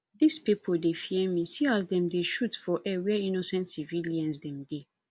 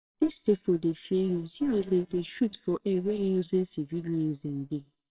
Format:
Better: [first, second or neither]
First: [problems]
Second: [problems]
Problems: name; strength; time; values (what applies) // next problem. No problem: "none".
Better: first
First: none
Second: noise reduction (neural separator model SepFormer WHAMR!)